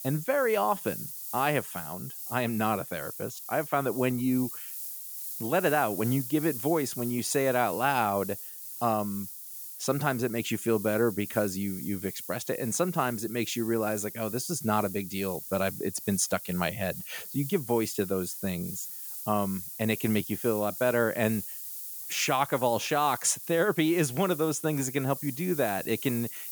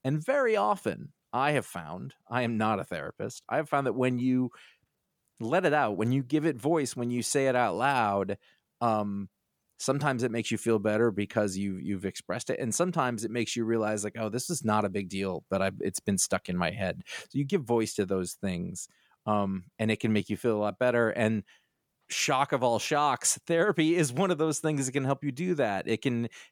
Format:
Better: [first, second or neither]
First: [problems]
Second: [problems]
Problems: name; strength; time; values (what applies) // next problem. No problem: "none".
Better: second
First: hiss; loud; throughout; 8 dB below the speech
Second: none